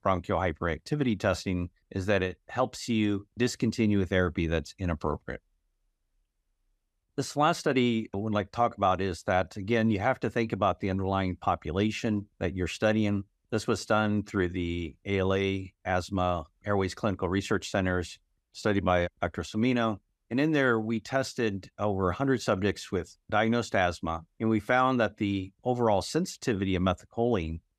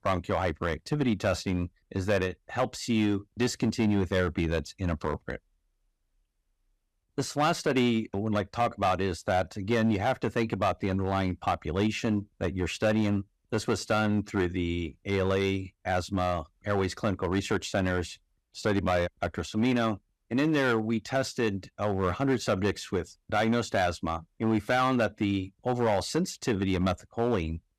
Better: first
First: none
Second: distortion; slight; 5% of the sound clipped

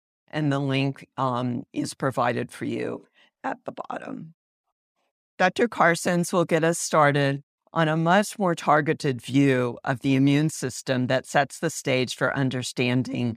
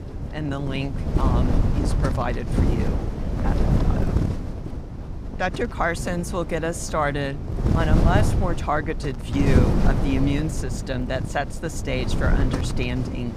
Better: first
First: none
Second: wind noise on the microphone; heavy; 5 dB below the speech

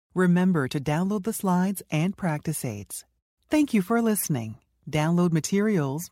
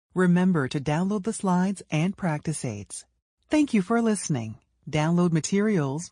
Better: first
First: none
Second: garbled, watery; slightly

